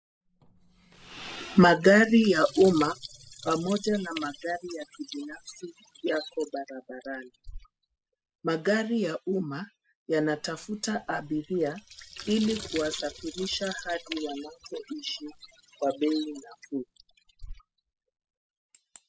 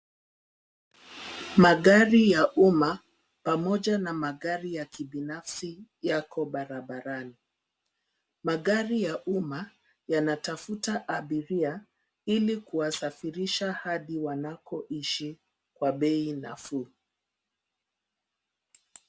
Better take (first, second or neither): second